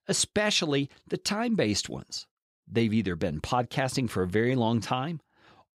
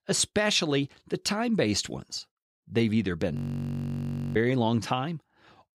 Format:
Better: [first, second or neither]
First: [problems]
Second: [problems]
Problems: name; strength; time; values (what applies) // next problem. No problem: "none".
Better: first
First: none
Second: audio freezing; at 3.5 s for 1 s